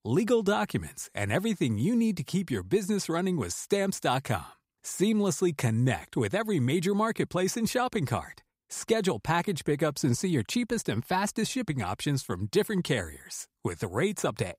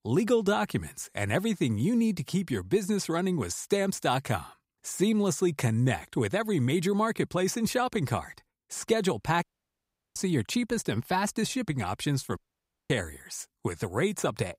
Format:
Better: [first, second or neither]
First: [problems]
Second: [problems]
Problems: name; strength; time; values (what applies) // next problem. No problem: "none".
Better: first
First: none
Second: audio cutting out; at 9.5 s for 0.5 s and at 12 s for 0.5 s